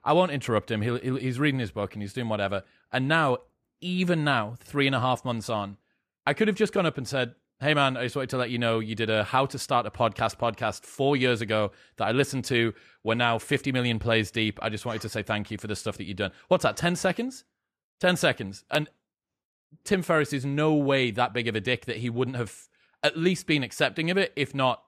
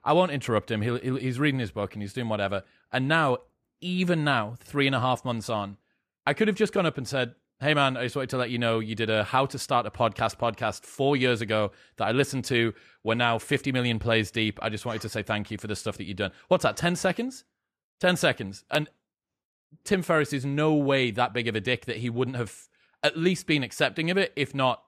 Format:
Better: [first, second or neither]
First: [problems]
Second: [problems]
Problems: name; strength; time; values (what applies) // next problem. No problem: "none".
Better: neither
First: none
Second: none